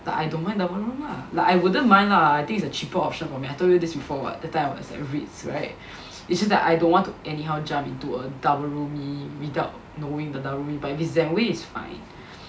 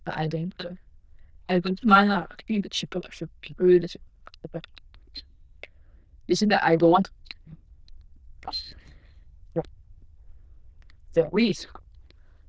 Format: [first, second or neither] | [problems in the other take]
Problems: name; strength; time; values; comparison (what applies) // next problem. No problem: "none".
first | noise reduction (neural diffusion model UNIVERSE++)